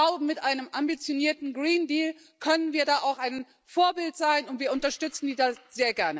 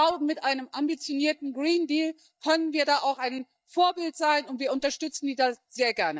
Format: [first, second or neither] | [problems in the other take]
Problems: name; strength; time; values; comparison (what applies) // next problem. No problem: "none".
first | noise reduction (neural mask model DeepFilterNet 3)